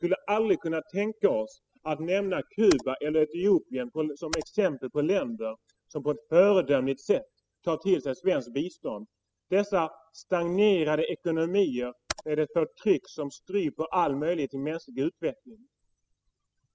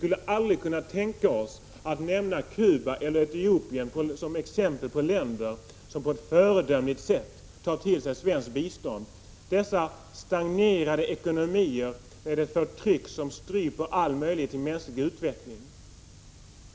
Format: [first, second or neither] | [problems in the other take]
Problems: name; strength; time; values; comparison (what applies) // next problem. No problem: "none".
second | noise reduction (classical method spectral subtraction)